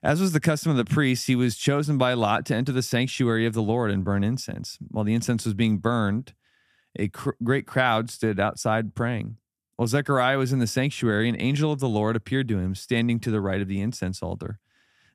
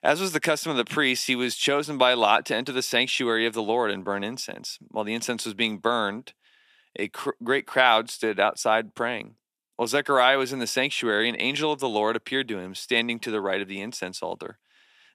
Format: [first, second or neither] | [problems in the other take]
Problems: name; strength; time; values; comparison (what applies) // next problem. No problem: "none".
first | thin; somewhat; fading below 450 Hz